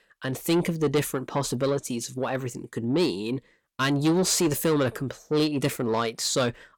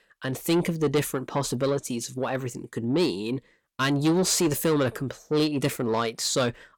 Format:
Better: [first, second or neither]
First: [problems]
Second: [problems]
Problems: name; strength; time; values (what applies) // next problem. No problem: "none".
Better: neither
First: distortion; slight; 10 dB below the speech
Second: distortion; slight; 10 dB below the speech